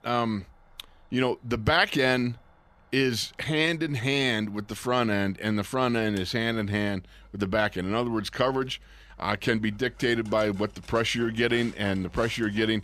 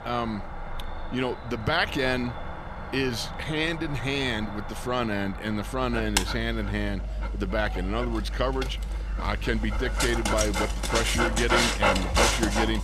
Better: first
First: animal sounds; faint; throughout; 25 dB below the speech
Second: animal sounds; loud; throughout; 1 dB below the speech

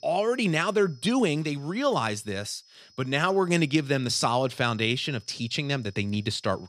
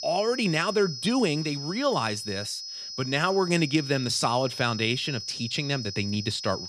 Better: first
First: high-pitched whine; faint; throughout; 5 kHz, 30 dB below the speech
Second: high-pitched whine; loud; throughout; 5 kHz, 8 dB below the speech

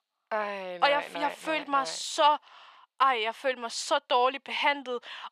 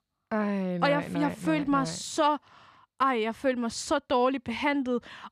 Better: second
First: thin; very; fading below 600 Hz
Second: none

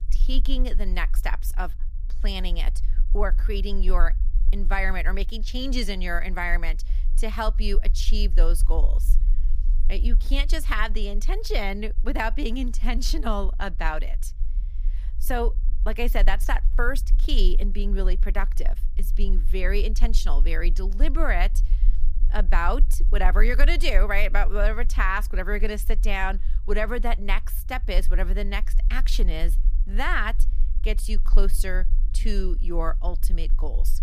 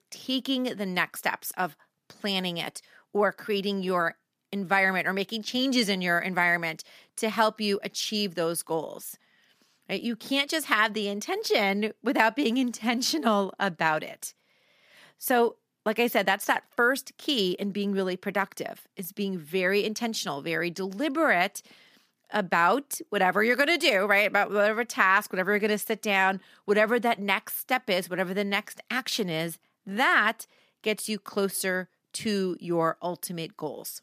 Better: second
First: low rumble; faint; throughout; 25 dB below the speech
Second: none

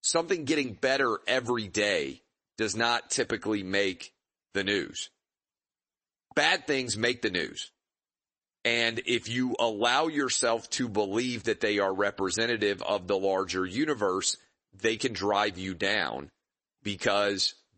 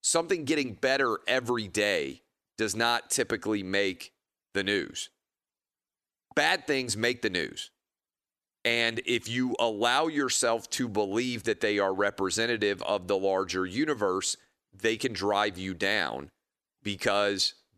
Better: second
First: garbled, watery; slightly; nothing above 8 kHz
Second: none

